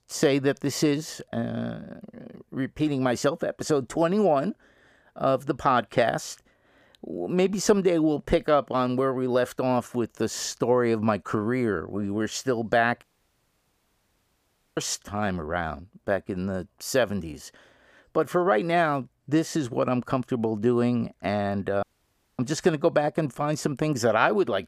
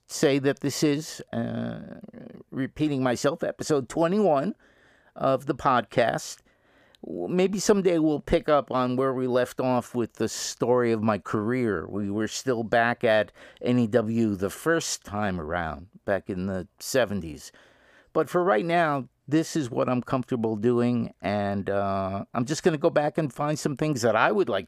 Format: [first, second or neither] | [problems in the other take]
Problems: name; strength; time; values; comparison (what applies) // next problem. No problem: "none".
second | audio cutting out; at 13 s for 1.5 s and at 22 s for 0.5 s